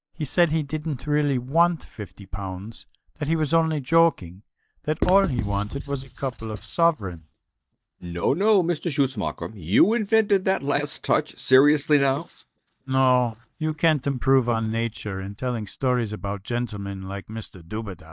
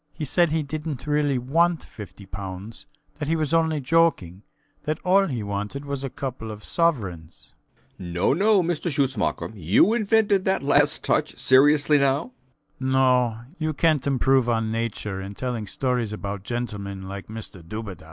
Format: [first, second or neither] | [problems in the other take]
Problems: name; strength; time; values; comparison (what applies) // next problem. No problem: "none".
second | noise reduction (neural mask model DeepFilterNet 3)